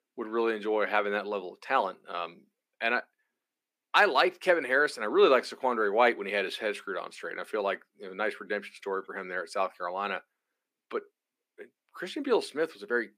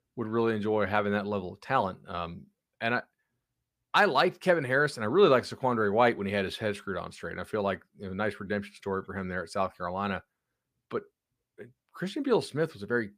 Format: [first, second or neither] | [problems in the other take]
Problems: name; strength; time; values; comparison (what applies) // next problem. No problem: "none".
second | thin; somewhat; fading below 250 Hz